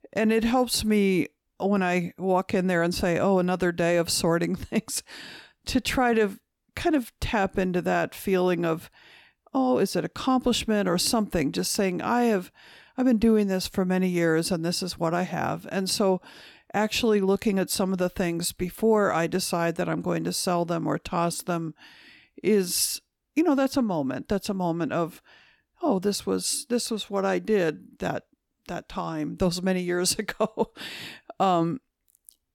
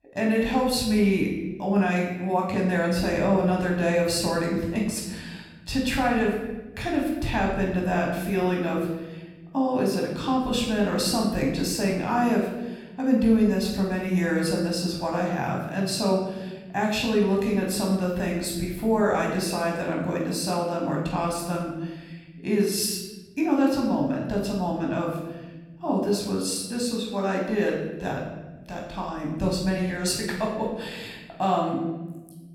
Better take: first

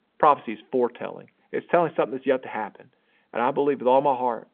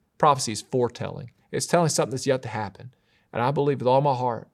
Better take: second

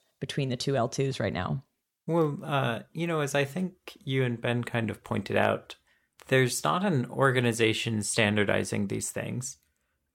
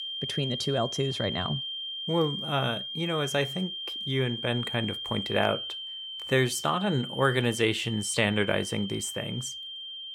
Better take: first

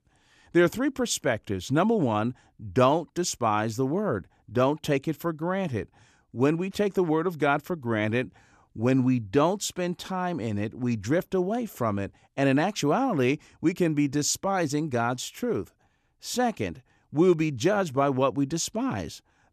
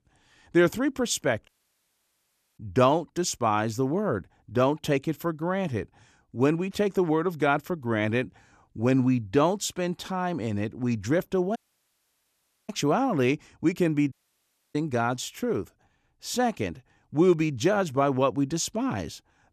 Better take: first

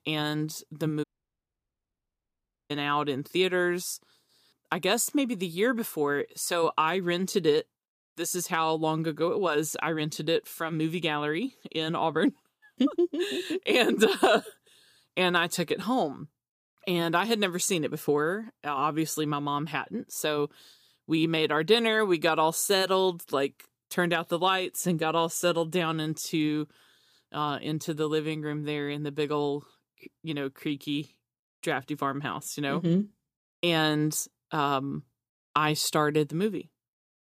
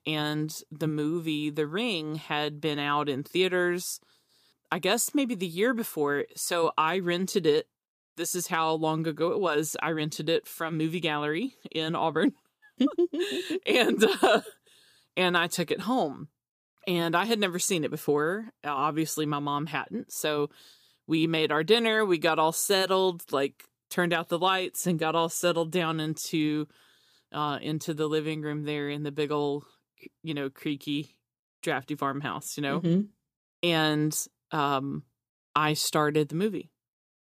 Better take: second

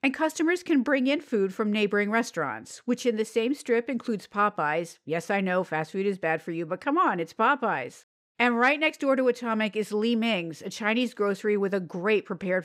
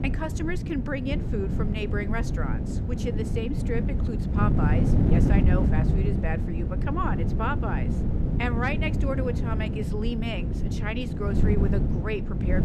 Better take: first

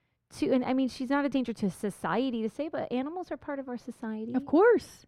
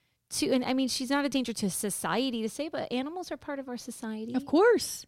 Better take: second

